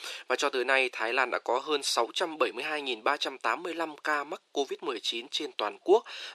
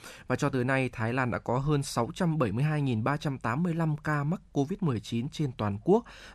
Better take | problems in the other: second | thin; very; fading below 350 Hz

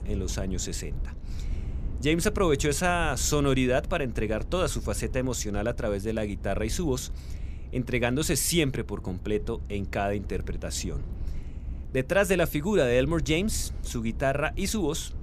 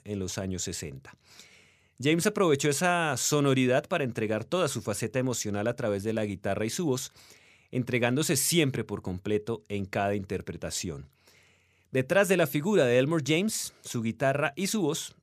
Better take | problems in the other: second | low rumble; faint; throughout; 25 dB below the speech

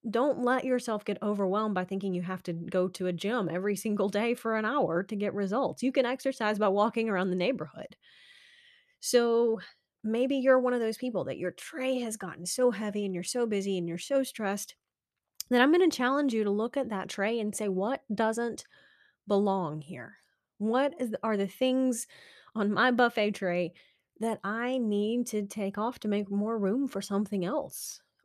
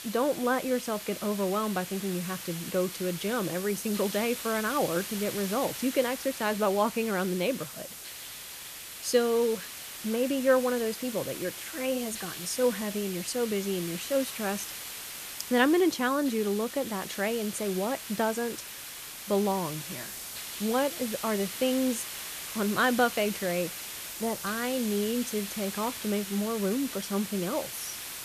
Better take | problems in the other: first | hiss; loud; throughout; 8 dB below the speech

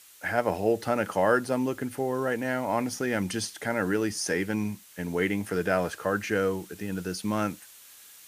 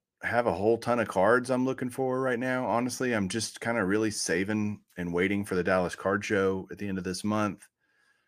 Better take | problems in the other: second | hiss; faint; throughout; 20 dB below the speech

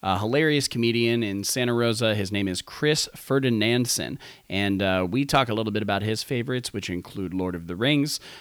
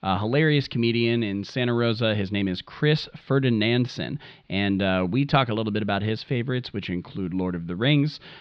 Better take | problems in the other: first | muffled; slightly; fading above 4 kHz

